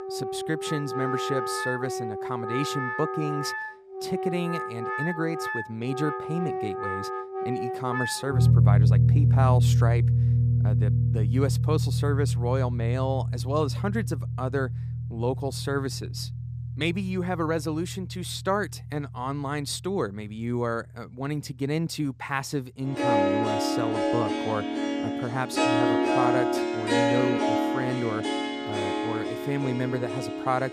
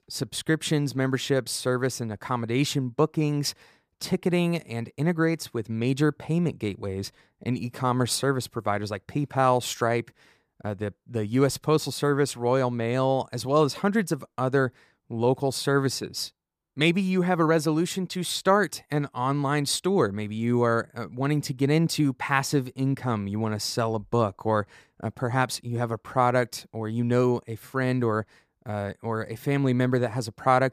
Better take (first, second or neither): second